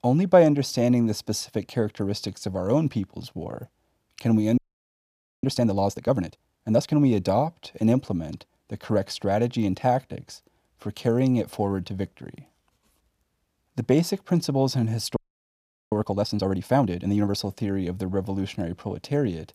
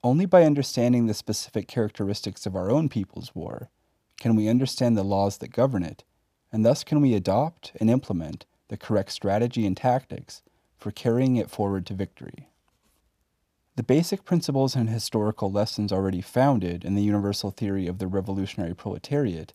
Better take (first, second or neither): second